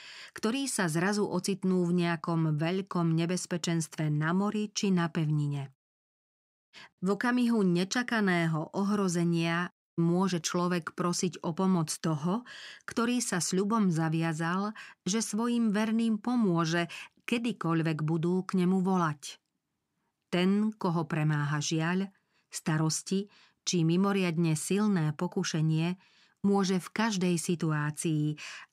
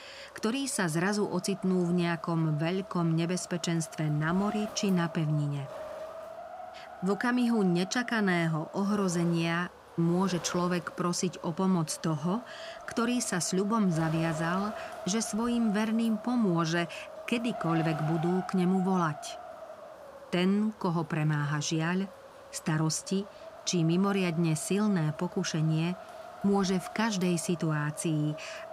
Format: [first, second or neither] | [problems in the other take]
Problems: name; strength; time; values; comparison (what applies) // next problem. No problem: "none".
first | wind noise on the microphone; heavy; 10 dB below the speech